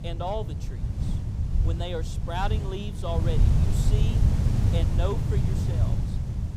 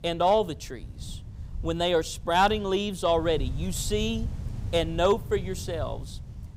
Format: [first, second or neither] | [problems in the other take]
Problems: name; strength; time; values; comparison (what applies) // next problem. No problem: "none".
second | wind noise on the microphone; heavy; 4 dB below the speech; occasional gusts in the second